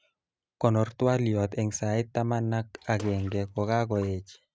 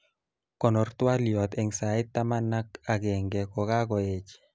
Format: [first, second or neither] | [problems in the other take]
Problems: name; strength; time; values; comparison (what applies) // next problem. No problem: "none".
second | noise reduction (neural mask model RNNoise)